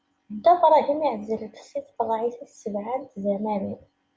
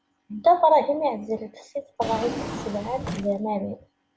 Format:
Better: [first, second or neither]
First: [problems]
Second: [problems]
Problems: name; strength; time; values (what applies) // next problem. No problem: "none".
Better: first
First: none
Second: background sound (Drawer open or close); 9 dB below the speech